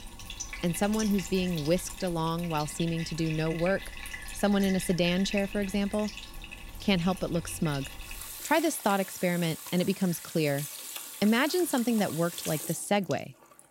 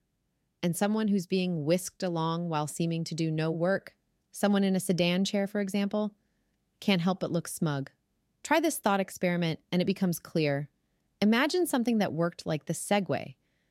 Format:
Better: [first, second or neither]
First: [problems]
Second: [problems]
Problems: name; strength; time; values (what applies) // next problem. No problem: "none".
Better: second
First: household noises; noticeable; throughout; 10 dB below the speech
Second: none